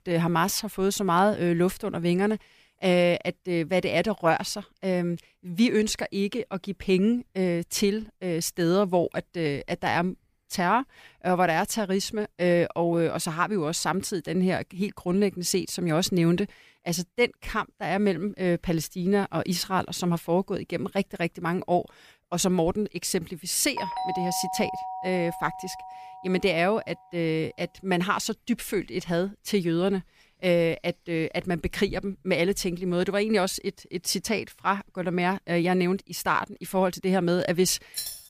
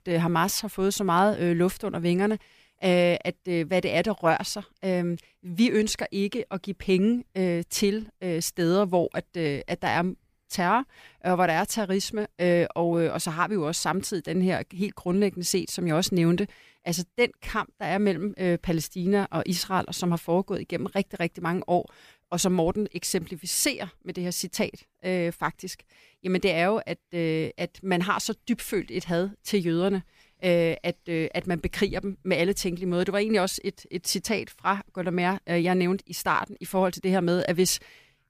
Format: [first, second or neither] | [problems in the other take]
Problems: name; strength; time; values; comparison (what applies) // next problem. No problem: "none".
second | doorbell; noticeable; from 24 to 26 s; peak 4 dB below the speech // jangling keys; noticeable; at 38 s; peak 7 dB below the speech